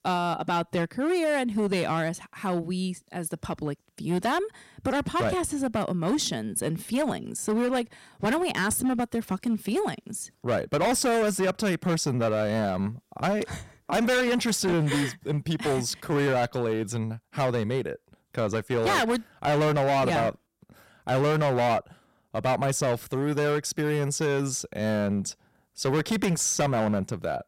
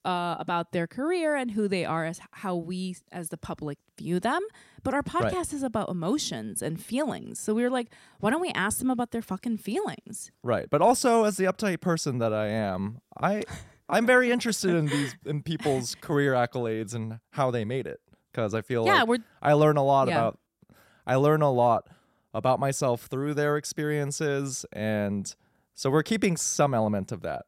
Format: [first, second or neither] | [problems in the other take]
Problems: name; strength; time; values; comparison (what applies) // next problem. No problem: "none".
second | distortion; heavy; 13% of the sound clipped